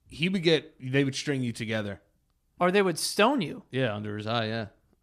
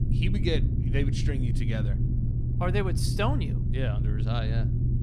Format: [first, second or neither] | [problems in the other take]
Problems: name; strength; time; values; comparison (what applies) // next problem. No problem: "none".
first | low rumble; loud; throughout; 6 dB below the speech